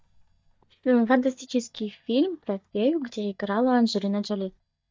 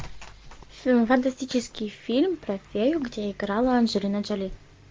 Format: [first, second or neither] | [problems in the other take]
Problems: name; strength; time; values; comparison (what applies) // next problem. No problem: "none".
second | noise reduction (neural mask model DeepFilterNet 3)